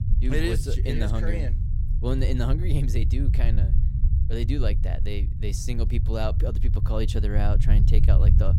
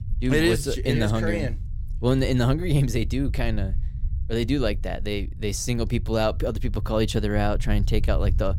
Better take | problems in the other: second | low rumble; loud; throughout; 8 dB below the speech; faint in the second

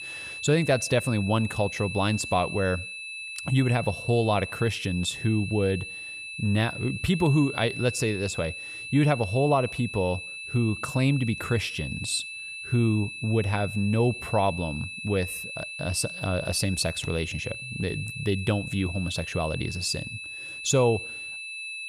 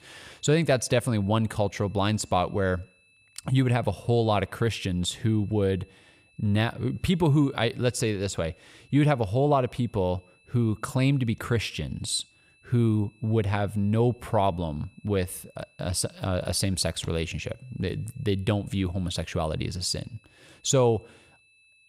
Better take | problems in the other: second | high-pitched whine; loud; throughout; 2.5 kHz, 8 dB below the speech; faint in the second

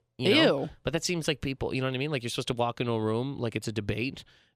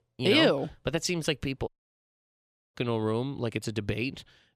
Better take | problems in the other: first | audio cutting out; at 1.5 s for 1 s

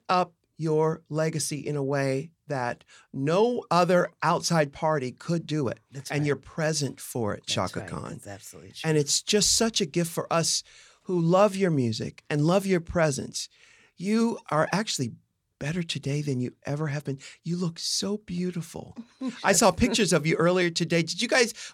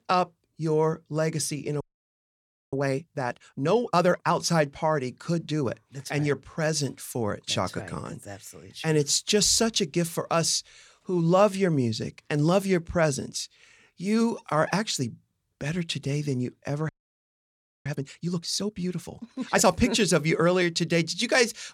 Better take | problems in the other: first | audio freezing; at 2 s for 1 s and at 17 s for 1 s

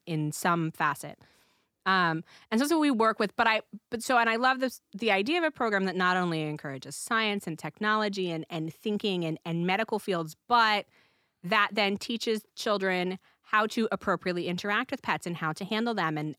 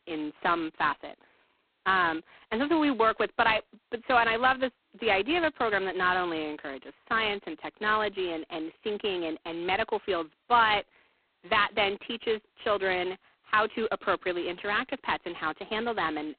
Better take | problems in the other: first | phone-call audio; poor line; nothing above 4 kHz

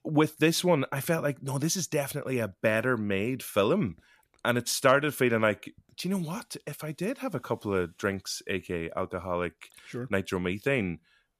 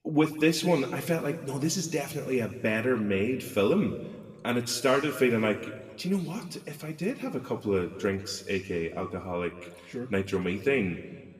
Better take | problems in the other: first | room echo; slight; dies away in 1.5 s // off-mic speech; somewhat distant

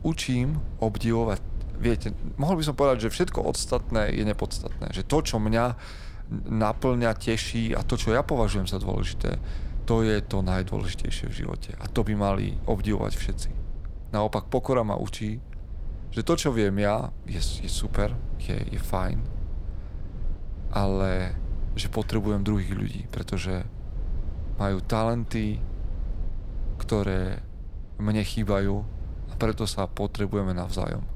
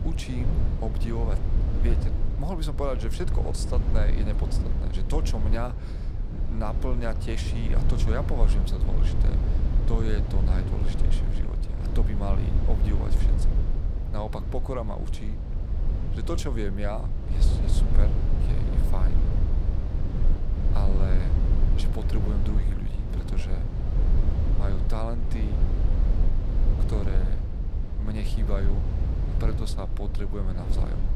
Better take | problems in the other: first | low rumble; loud; throughout; 4 dB below the speech; faint in the first

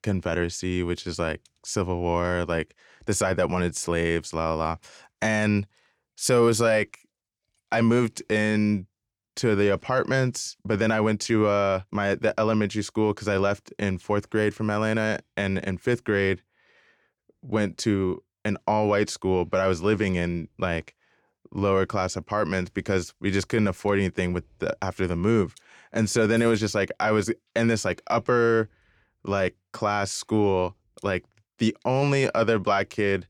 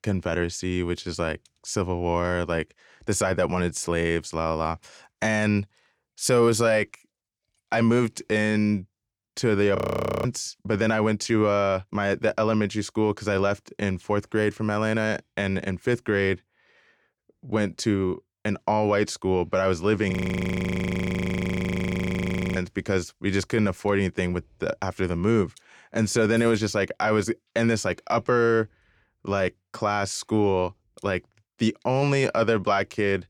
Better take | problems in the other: first | audio freezing; at 10 s and at 20 s for 2.5 s

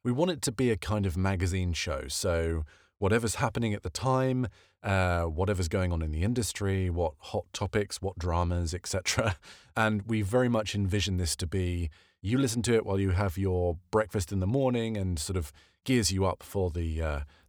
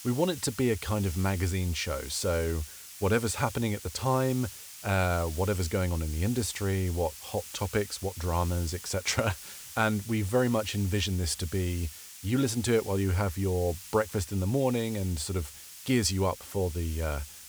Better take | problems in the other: first | hiss; noticeable; throughout; 15 dB below the speech

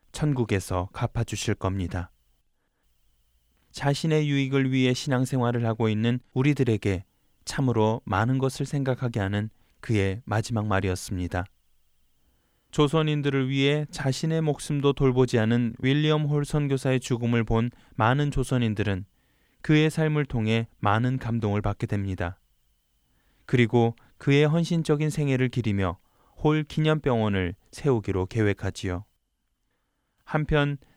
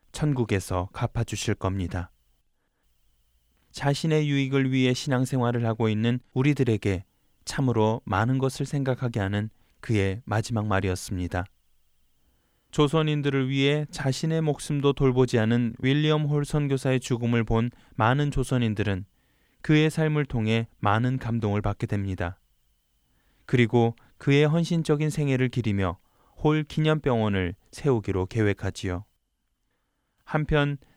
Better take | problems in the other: neither | none

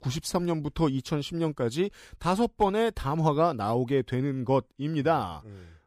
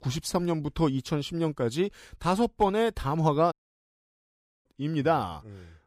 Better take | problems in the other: first | audio cutting out; at 3.5 s for 1 s

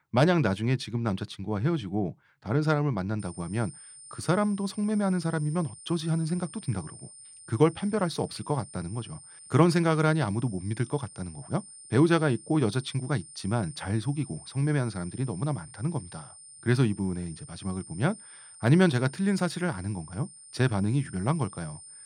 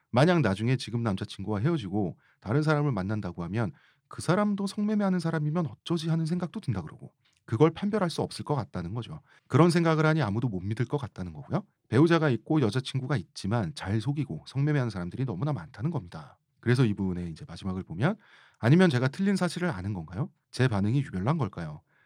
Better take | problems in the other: second | high-pitched whine; noticeable; from 3 s on; 9 kHz, 15 dB below the speech

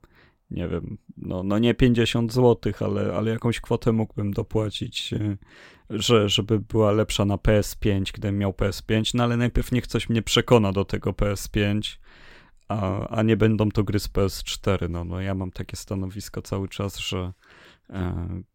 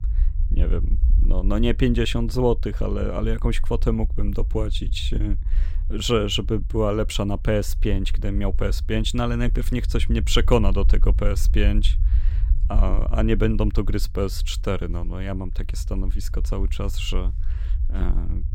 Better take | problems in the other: first | low rumble; faint; throughout; 20 dB below the speech

